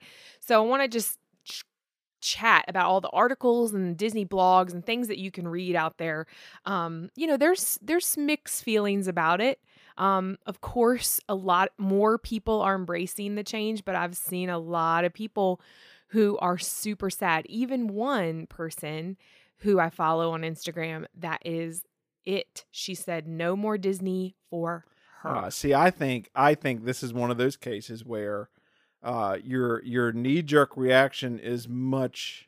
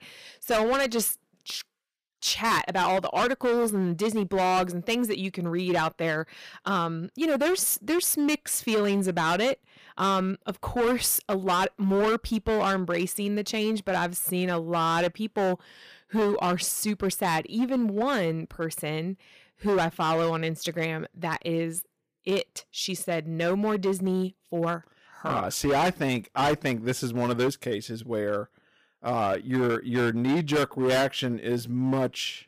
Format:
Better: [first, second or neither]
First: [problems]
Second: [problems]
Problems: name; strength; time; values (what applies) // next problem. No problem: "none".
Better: first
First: none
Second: distortion; heavy; 12% of the sound clipped